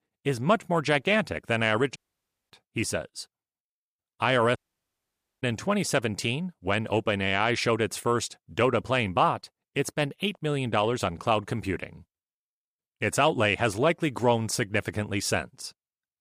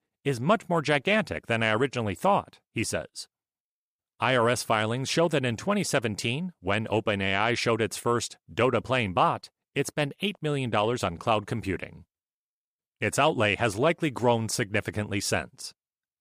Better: second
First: audio cutting out; at 2 s for 0.5 s and at 4.5 s for 1 s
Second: none

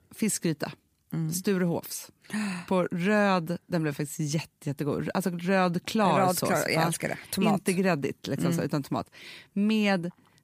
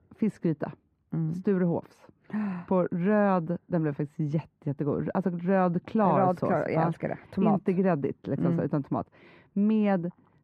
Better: first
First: none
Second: muffled; very; fading above 3 kHz

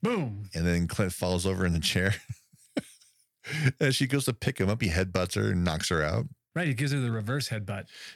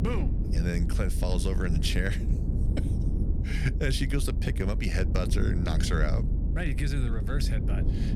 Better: first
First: none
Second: low rumble; loud; throughout; 7 dB below the speech

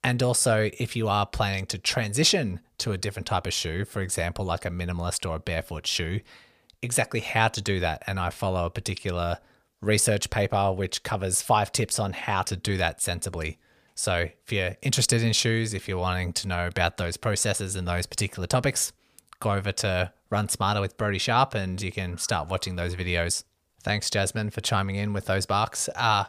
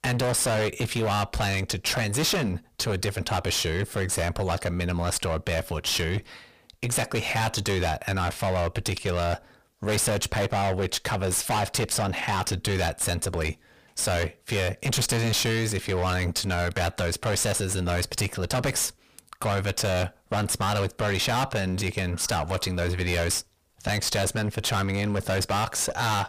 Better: first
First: none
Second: distortion; heavy; 30% of the sound clipped

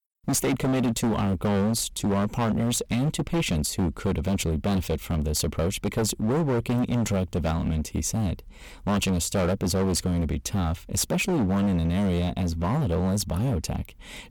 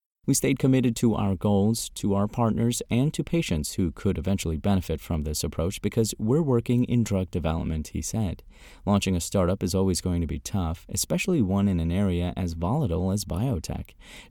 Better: second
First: distortion; heavy; 22% of the sound clipped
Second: none

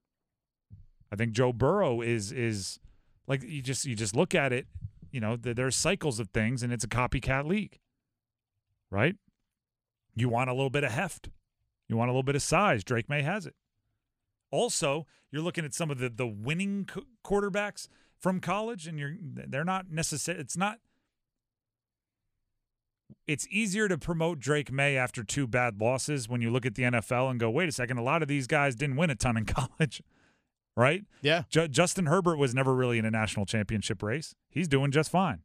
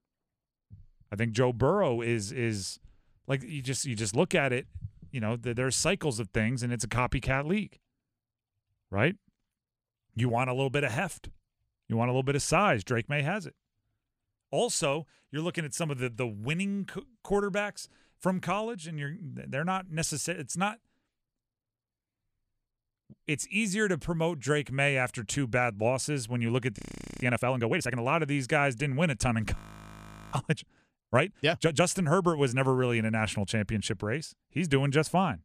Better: first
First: none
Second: audio freezing; at 27 s and at 30 s for 1 s

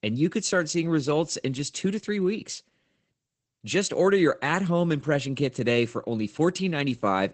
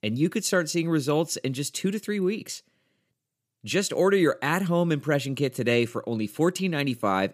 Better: second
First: garbled, watery; badly; nothing above 8 kHz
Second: none

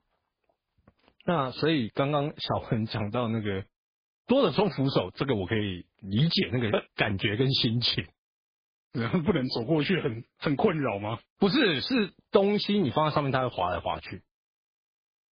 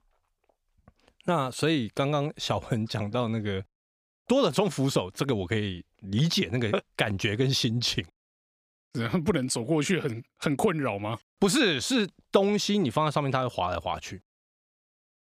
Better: second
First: garbled, watery; badly; nothing above 5 kHz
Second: none

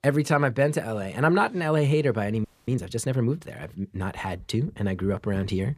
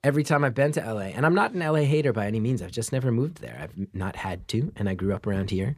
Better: second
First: audio freezing; at 2.5 s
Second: none

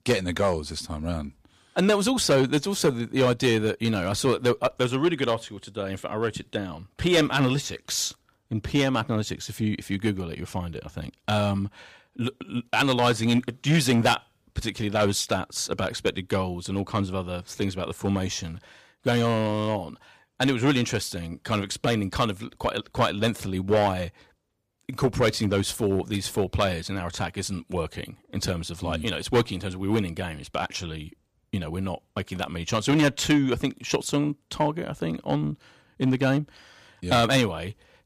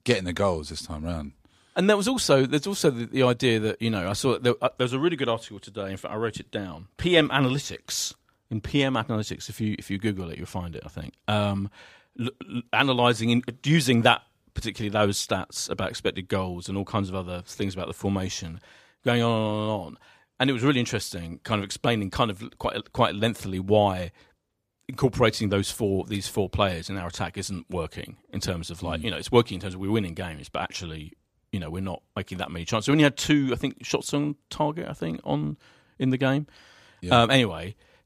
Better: second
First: distortion; slight; 2% of the sound clipped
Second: none

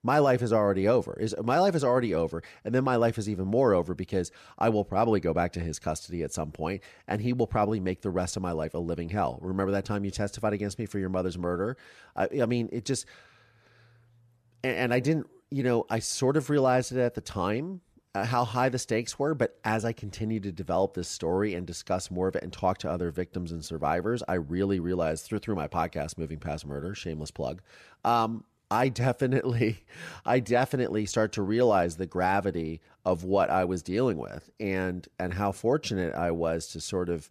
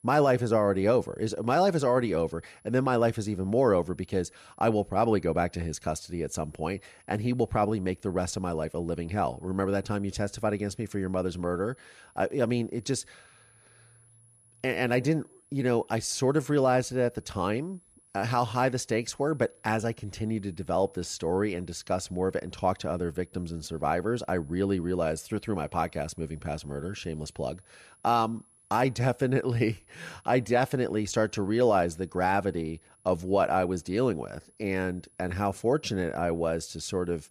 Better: first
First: none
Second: high-pitched whine; faint; throughout; 10.5 kHz, 30 dB below the speech

